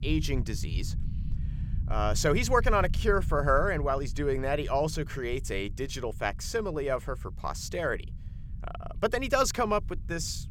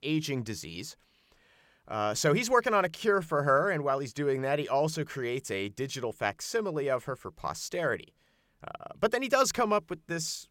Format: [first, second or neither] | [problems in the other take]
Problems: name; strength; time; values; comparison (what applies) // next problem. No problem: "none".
second | low rumble; faint; throughout; 25 dB below the speech